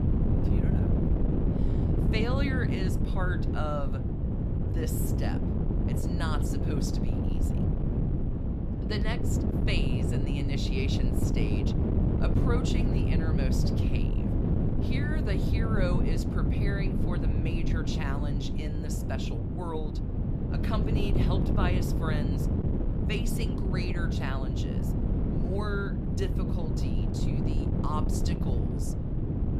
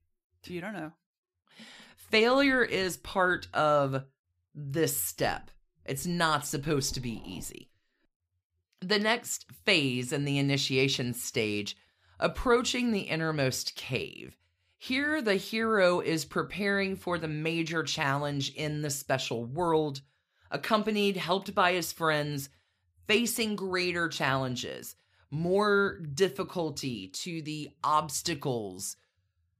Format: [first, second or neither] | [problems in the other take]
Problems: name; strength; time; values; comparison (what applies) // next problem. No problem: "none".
second | wind noise on the microphone; heavy; as loud as the speech